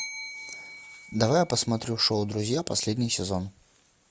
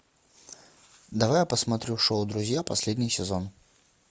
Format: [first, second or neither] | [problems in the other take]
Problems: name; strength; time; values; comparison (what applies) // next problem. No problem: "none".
second | background sound (Bell); 17 dB below the speech